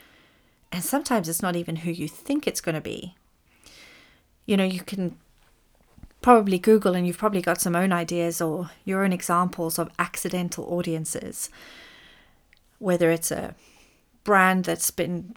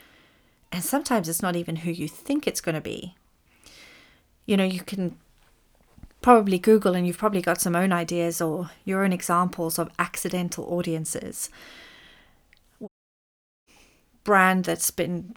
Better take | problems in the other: first | audio cutting out; at 13 s for 1 s

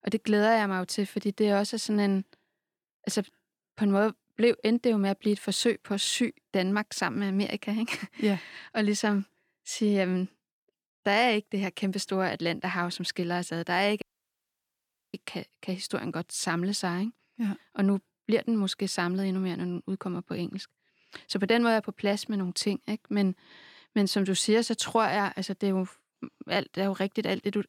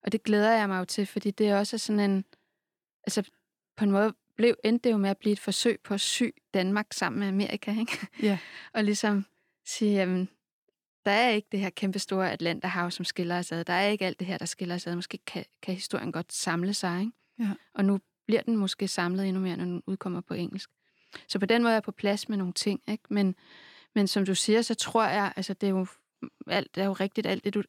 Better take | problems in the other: second | audio cutting out; at 14 s for 1 s

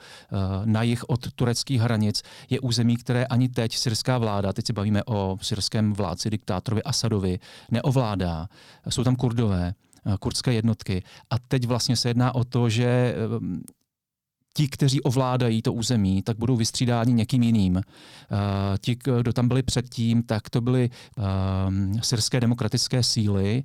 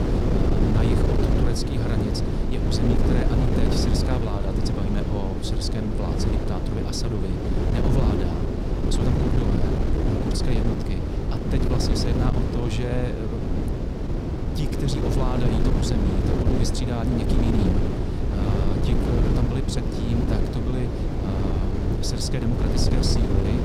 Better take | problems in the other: first | wind noise on the microphone; heavy; 3 dB above the speech

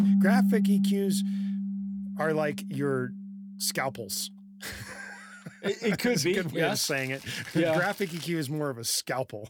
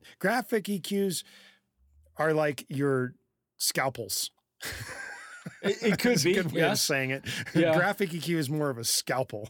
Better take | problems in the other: second | background music; very loud; throughout; 1 dB above the speech

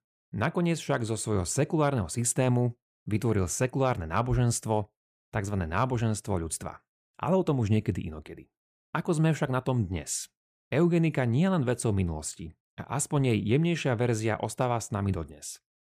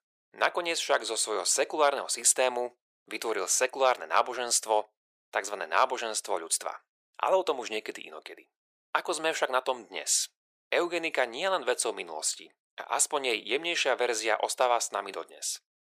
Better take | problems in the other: first | thin; very; fading below 500 Hz

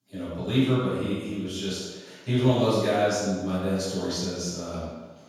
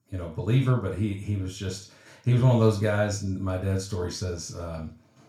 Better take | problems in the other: second | room echo; strong; dies away in 1.2 s; slight in the second // off-mic speech; far; far in the second

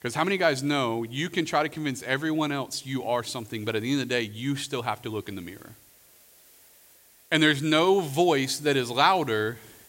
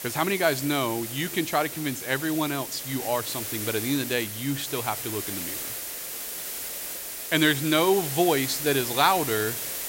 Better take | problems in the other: first | hiss; loud; throughout; 5 dB below the speech; faint in the first

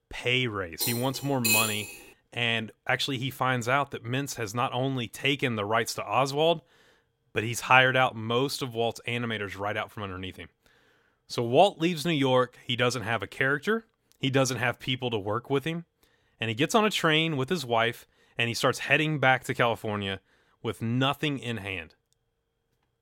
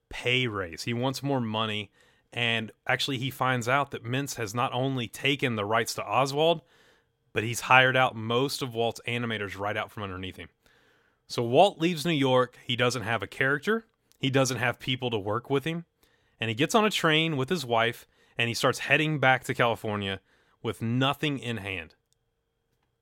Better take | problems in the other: second | clattering dishes; loud; from 1 to 2 s; peak 4 dB above the speech

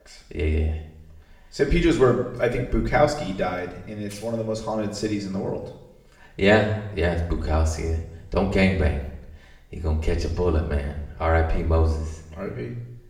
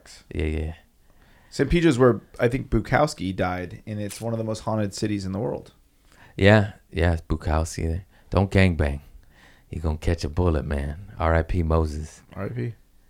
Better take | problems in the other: second | room echo; slight; dies away in 0.8 s // off-mic speech; far

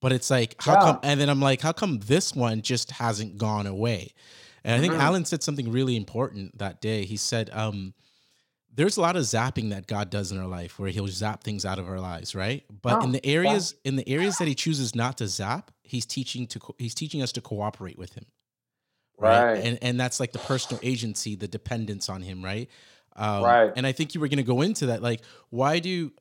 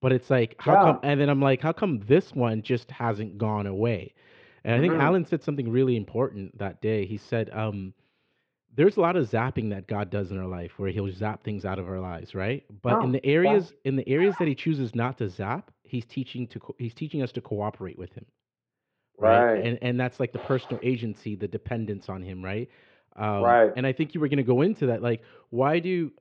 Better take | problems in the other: first | muffled; very; fading above 2.5 kHz

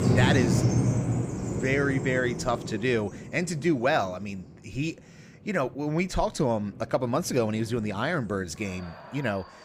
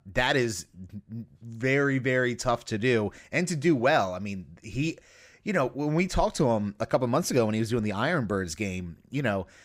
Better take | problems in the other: second | animal sounds; very loud; throughout; 1 dB above the speech

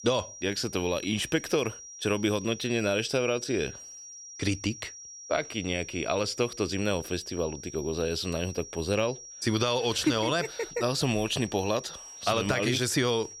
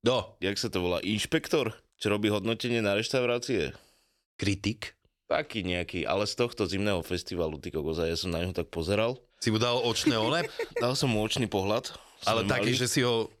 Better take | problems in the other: second | high-pitched whine; noticeable; throughout; 5.5 kHz, 15 dB below the speech

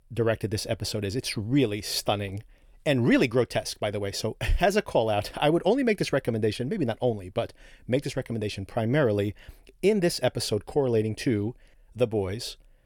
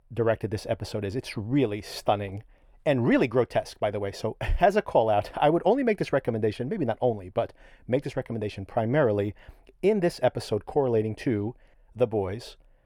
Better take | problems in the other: first | muffled; slightly; fading above 3 kHz

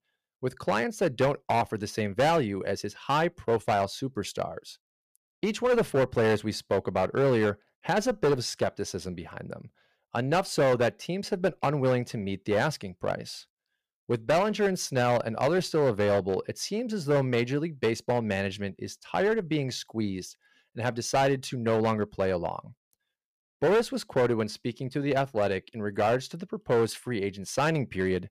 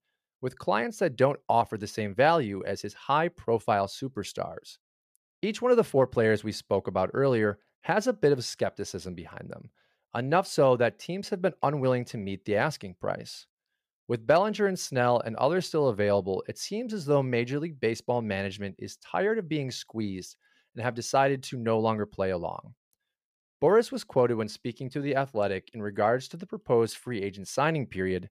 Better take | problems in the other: second | distortion; slight; 7% of the sound clipped

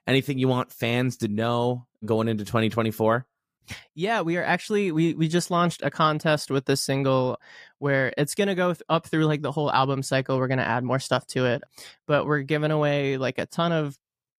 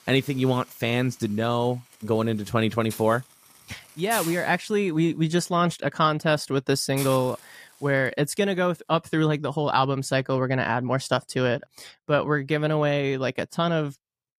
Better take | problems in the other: first | hiss; noticeable; until 9 s; 15 dB below the speech

